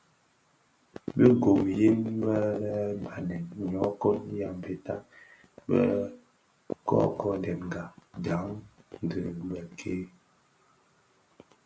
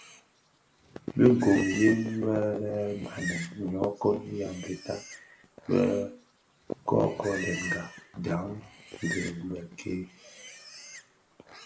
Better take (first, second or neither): first